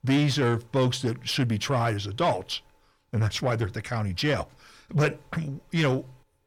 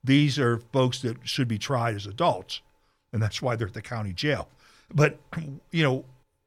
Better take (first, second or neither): second